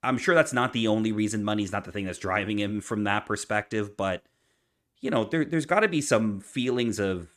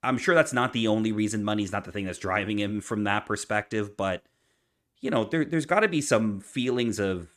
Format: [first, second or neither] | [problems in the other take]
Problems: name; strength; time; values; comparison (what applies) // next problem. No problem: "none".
neither | none